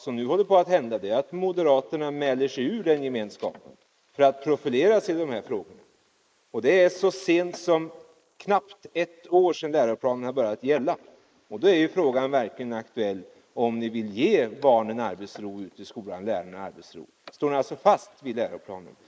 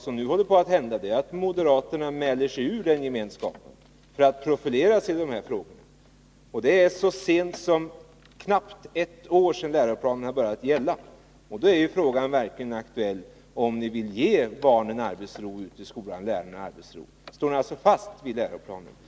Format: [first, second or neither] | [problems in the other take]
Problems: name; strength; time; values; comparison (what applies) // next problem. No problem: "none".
second | noise reduction (neural mask model Resemble Enhance denoiser)